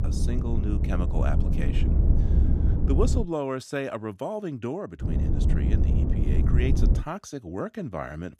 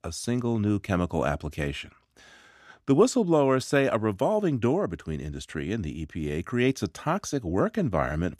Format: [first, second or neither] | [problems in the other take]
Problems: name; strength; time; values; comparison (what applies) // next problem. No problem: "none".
second | low rumble; loud; until 3 s and from 5 to 7 s; 4 dB below the speech